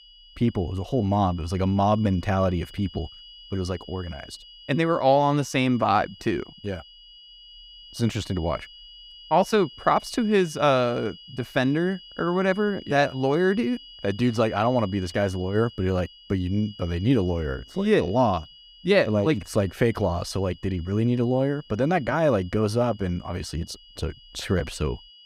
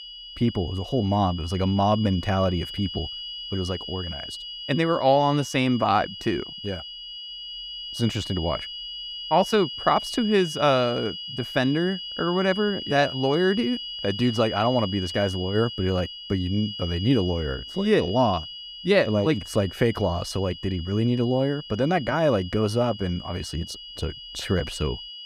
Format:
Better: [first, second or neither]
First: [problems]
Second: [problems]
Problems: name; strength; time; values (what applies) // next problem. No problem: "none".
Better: first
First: high-pitched whine; faint; throughout; 3 kHz, 20 dB below the speech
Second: high-pitched whine; loud; throughout; 3 kHz, 10 dB below the speech